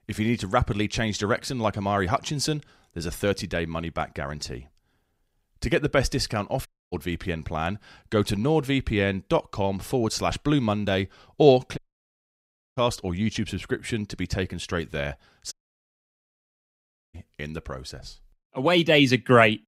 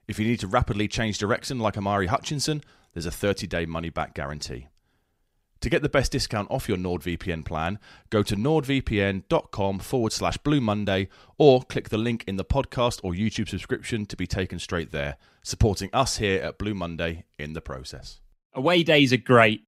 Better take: second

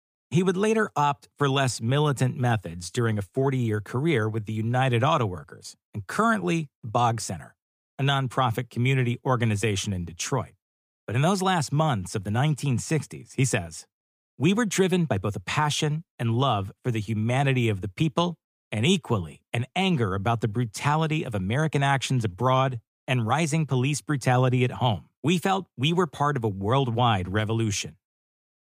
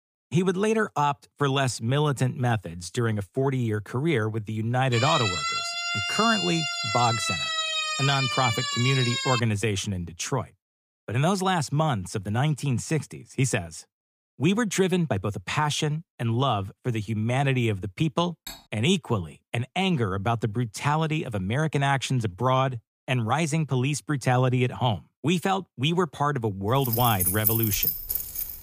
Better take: first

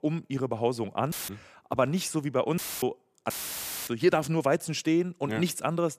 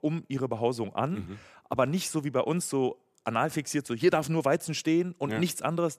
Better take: second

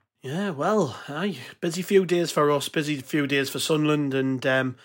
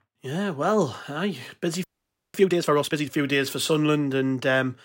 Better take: first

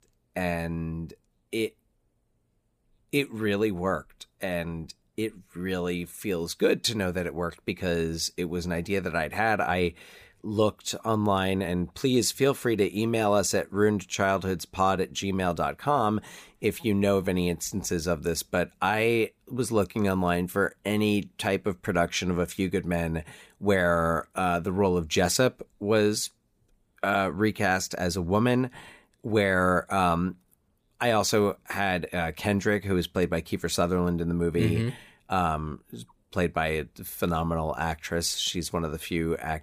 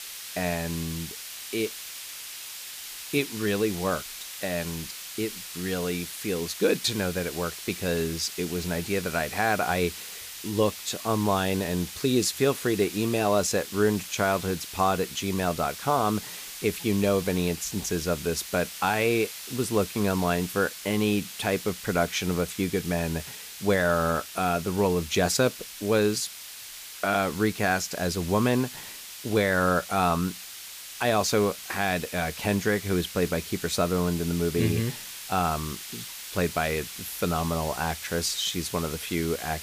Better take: first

